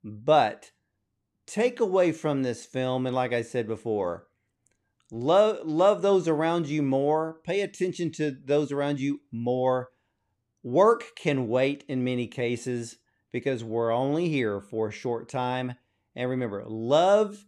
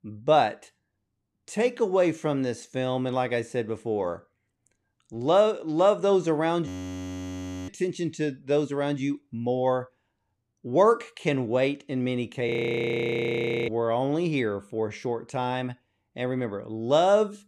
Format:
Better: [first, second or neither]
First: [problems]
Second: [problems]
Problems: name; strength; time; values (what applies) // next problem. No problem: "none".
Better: first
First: none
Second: audio freezing; at 6.5 s for 1 s and at 12 s for 1 s